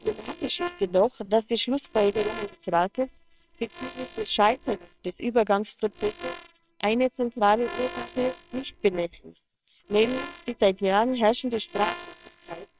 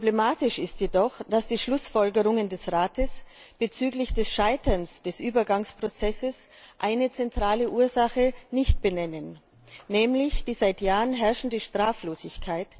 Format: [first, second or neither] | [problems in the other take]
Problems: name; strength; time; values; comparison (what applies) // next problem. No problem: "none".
second | noise reduction (neural separator model SepFormer WHAMR!)